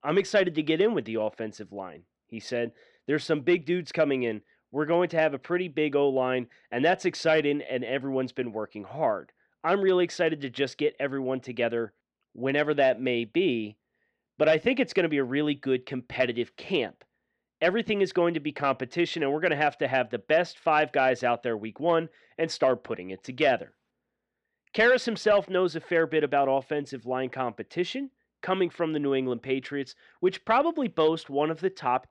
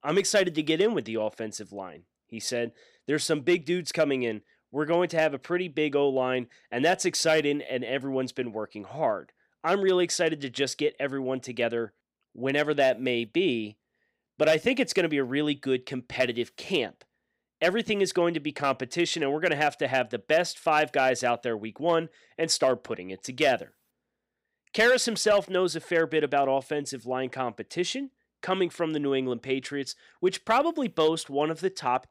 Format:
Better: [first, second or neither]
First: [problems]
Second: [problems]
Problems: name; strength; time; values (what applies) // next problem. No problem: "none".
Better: second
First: muffled; slightly; fading above 3 kHz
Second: none